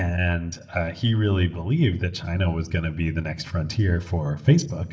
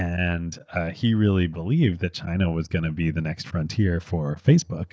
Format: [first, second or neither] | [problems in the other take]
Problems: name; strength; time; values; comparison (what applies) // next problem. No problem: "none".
second | room echo; dies away in 1.4 s